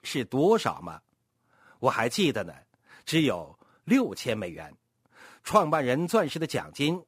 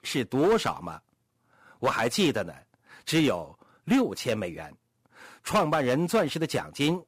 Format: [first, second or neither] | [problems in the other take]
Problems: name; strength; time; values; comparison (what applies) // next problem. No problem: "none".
first | distortion; slight; 4% of the sound clipped